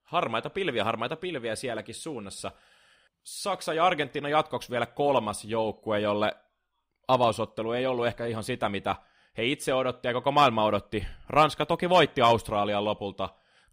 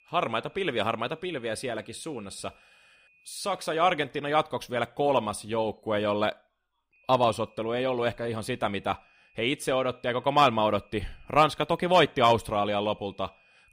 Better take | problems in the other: first | high-pitched whine; faint; until 3.5 s and from 7 s on; 2.5 kHz, 35 dB below the speech

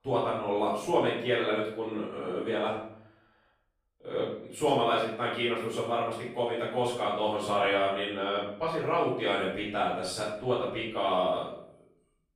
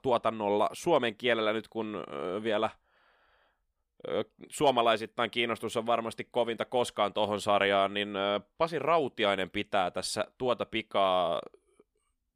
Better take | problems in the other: second | room echo; noticeable; dies away in 0.6 s // off-mic speech; far

